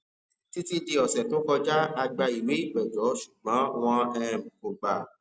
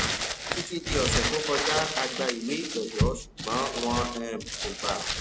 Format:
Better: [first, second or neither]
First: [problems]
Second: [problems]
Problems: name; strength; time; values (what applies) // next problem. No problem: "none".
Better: first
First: none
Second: background sound (Crumpling, crinkling); 1 dB above the speech